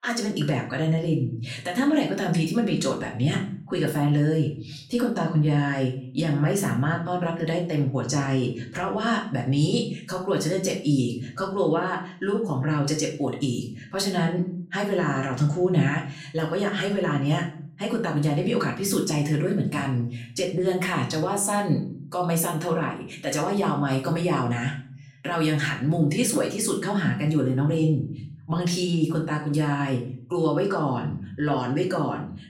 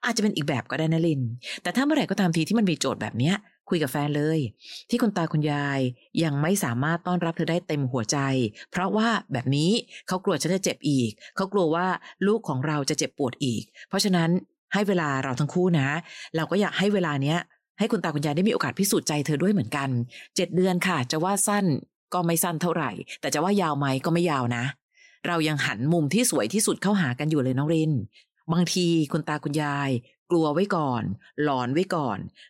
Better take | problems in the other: second | room echo; slight; dies away in 0.5 s // off-mic speech; far

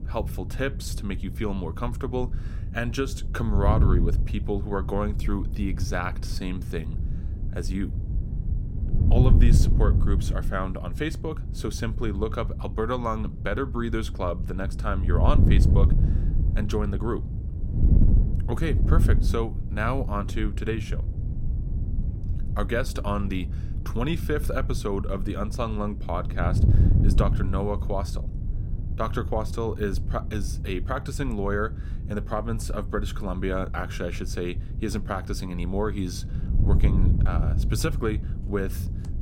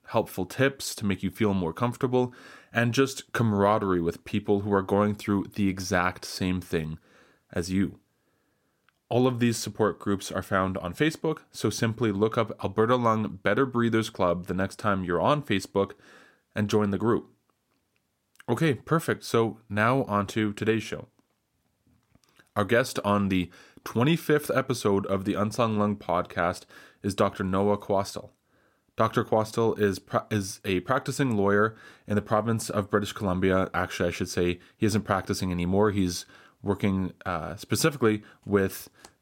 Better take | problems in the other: second | wind noise on the microphone; heavy; 10 dB below the speech

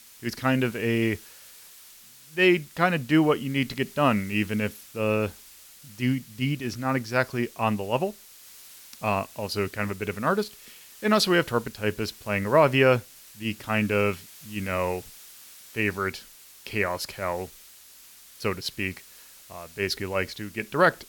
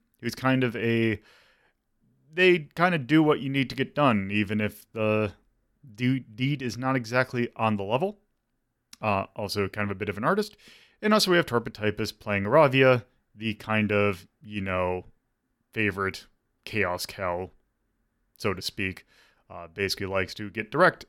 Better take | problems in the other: second | hiss; faint; throughout; 20 dB below the speech

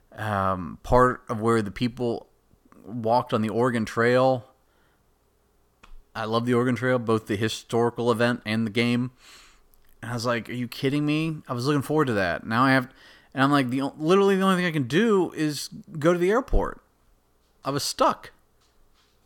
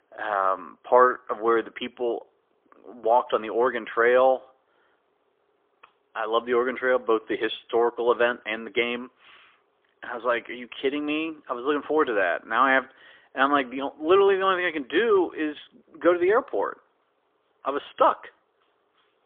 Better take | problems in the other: first | phone-call audio; poor line; nothing above 3.5 kHz

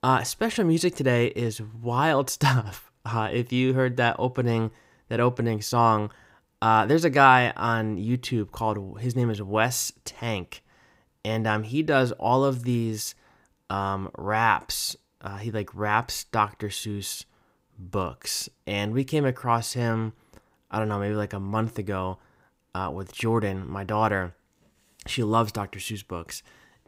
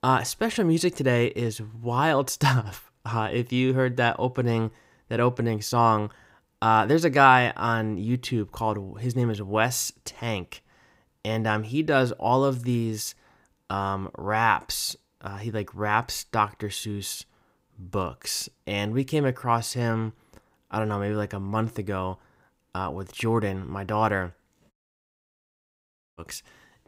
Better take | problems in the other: first | audio cutting out; at 25 s for 1.5 s

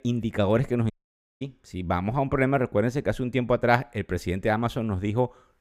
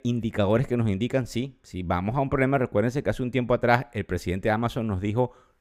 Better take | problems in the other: second | audio cutting out; at 1 s for 0.5 s

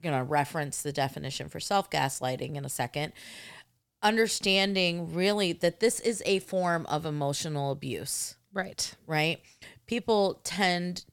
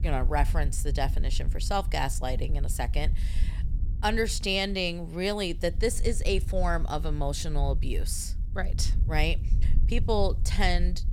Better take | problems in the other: first | wind noise on the microphone; occasional gusts; 20 dB below the speech

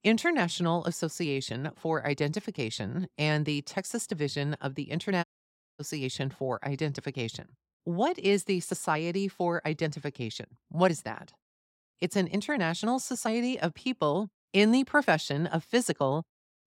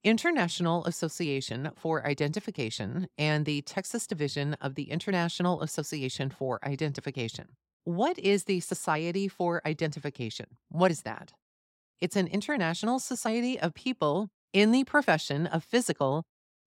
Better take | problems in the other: second | audio cutting out; at 5 s for 0.5 s

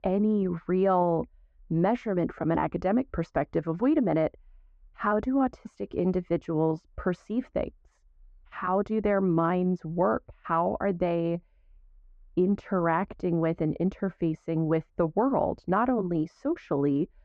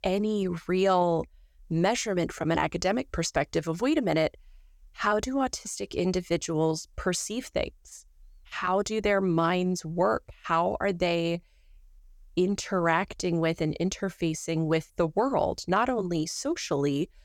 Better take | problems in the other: second | muffled; very; fading above 1 kHz

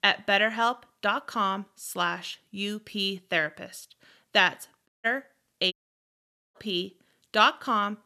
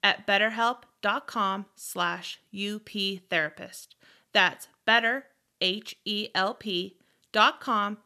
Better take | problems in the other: second | audio cutting out; at 5 s and at 5.5 s for 1 s

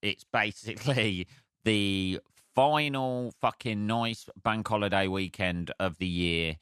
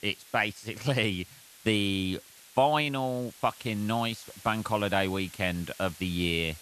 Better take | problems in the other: first | hiss; noticeable; throughout; 20 dB below the speech

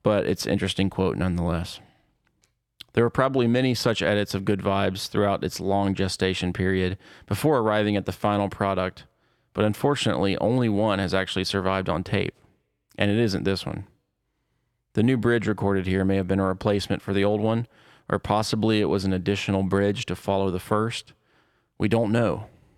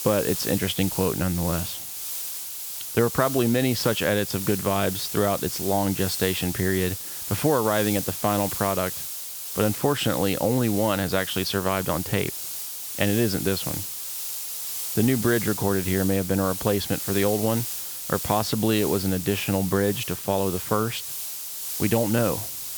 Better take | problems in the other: first | hiss; loud; throughout; 5 dB below the speech

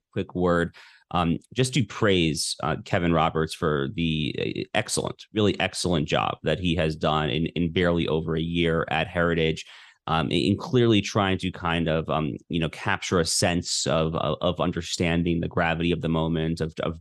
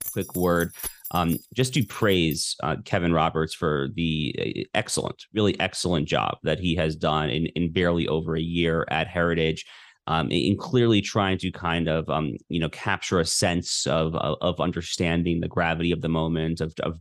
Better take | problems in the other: first | jangling keys; noticeable; until 2.5 s; peak 8 dB below the speech

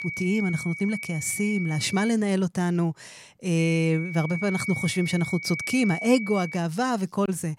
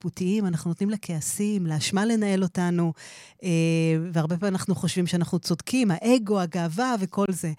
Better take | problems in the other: second | high-pitched whine; loud; until 2 s and from 3.5 to 6.5 s; 2.5 kHz, 8 dB below the speech

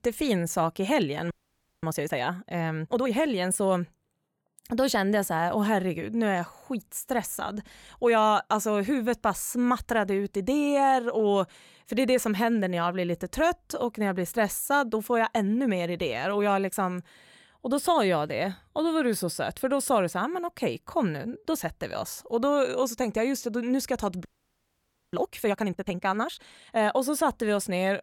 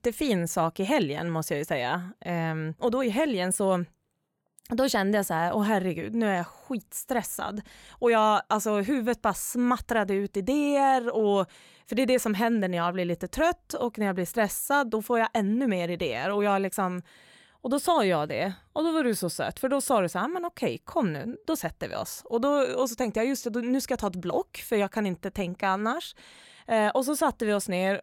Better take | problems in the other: second | audio freezing; at 1.5 s for 0.5 s and at 24 s for 1 s

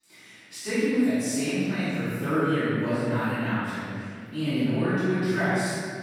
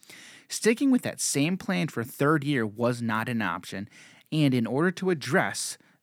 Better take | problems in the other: second | off-mic speech; far // room echo; strong; dies away in 2.2 s

